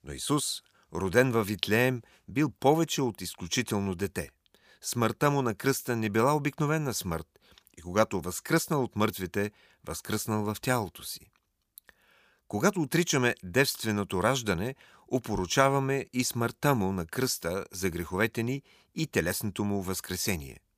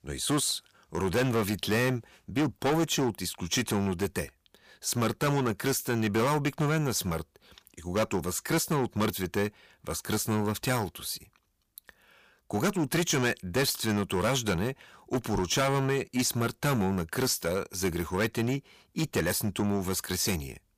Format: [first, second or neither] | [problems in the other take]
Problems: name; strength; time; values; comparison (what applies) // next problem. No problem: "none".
first | distortion; heavy; 10% of the sound clipped